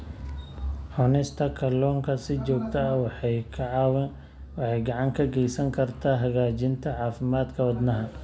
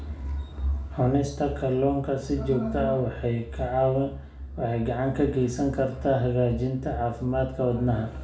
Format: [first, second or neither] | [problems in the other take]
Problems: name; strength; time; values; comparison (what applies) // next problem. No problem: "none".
first | room echo; dies away in 0.4 s